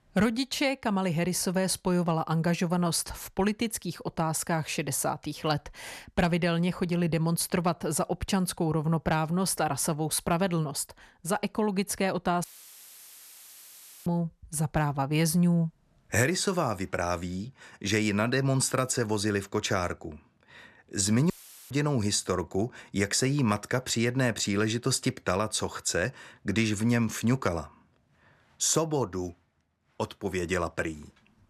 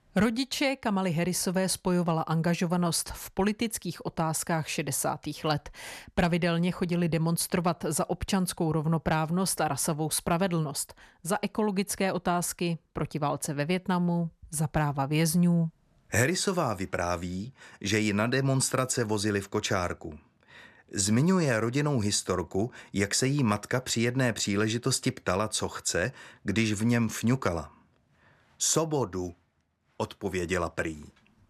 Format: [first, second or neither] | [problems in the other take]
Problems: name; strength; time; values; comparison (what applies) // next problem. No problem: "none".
second | audio cutting out; filled with static; at 12 s for 1.5 s and at 21 s